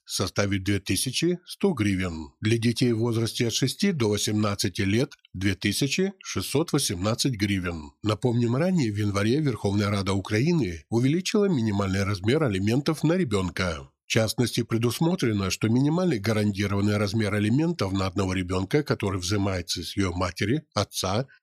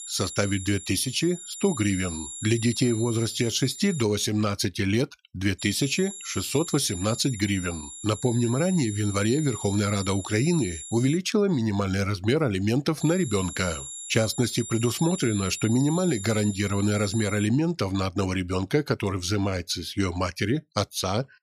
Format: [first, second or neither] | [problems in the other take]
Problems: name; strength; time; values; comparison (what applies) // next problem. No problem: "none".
first | high-pitched whine; noticeable; until 4 s, from 5.5 to 11 s and from 13 to 17 s; 7 kHz, 10 dB below the speech